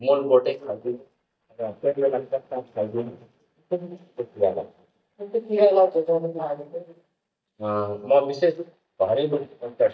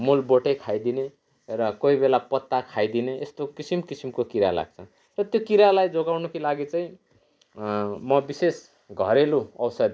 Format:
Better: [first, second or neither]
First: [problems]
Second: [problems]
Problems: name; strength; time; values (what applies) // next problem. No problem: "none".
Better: second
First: noise reduction (neural mask model DeepFilterNet 3)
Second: none